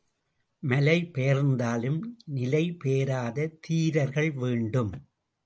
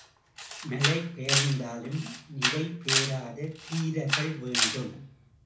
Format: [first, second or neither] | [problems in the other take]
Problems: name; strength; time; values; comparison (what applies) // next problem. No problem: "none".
first | background sound (Camera); as loud as the speech // room echo; dies away in 0.4 s